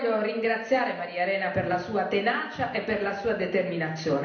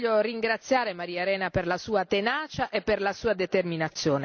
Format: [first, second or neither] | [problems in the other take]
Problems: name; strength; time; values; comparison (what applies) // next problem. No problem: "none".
second | room echo; dies away in 0.8 s